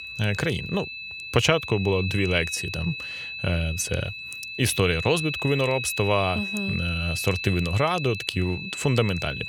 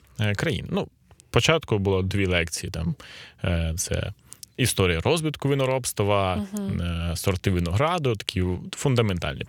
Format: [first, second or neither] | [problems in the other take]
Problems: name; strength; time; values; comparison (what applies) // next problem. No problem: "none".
second | high-pitched whine; loud; throughout; 2.5 kHz, 6 dB below the speech